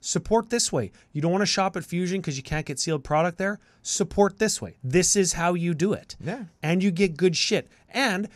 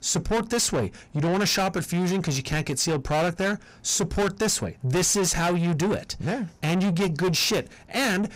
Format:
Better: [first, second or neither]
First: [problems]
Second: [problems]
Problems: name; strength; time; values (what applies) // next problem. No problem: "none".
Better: first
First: none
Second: distortion; heavy; 6 dB below the speech